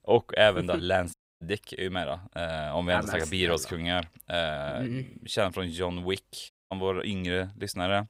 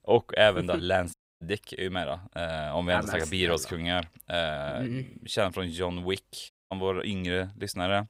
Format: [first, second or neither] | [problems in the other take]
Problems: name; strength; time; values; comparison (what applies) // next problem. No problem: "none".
neither | audio cutting out; at 1 s and at 6.5 s; the same in both